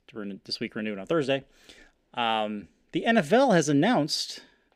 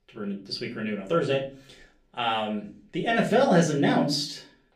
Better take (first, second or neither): first